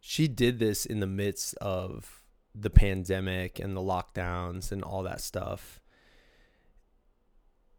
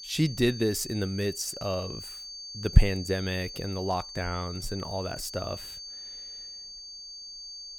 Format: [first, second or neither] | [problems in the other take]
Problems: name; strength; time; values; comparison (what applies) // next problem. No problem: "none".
first | high-pitched whine; loud; throughout; 4.5 kHz, 10 dB below the speech